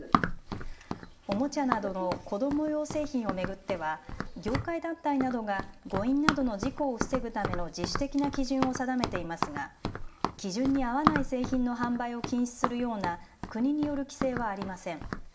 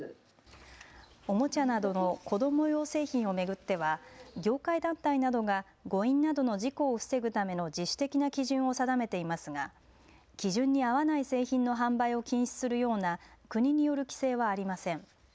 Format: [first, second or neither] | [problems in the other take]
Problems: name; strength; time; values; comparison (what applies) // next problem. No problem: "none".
second | background sound (Run); 4 dB below the speech // room echo; dies away in 0.5 s